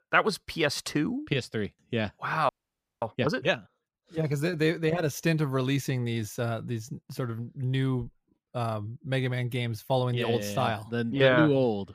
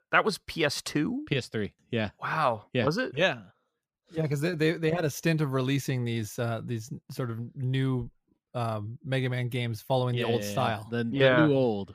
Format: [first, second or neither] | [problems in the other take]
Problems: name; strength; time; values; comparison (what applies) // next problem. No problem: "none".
second | audio freezing; at 2.5 s for 0.5 s